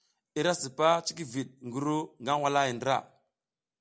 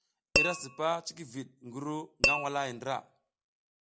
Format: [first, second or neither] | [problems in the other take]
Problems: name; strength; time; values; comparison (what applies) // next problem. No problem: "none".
first | background sound (Tap / Glass); 3 dB above the speech